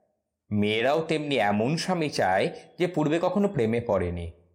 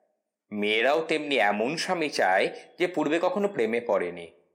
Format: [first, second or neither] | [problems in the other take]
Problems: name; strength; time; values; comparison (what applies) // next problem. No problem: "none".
first | thin; very slightly; fading below 250 Hz